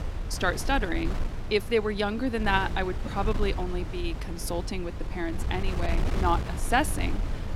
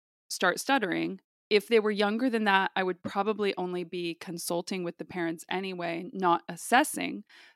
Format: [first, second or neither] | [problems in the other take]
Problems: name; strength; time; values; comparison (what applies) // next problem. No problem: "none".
second | wind noise on the microphone; occasional gusts; 10 dB below the speech